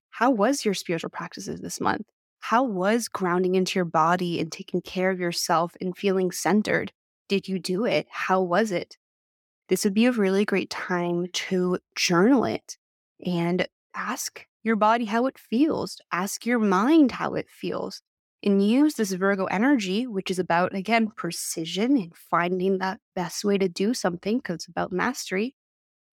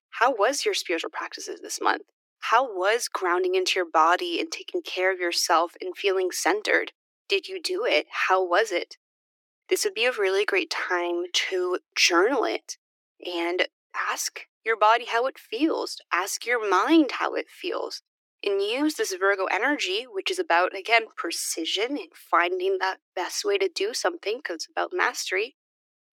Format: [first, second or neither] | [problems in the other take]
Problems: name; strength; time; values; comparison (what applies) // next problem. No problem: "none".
first | thin; very; fading below 300 Hz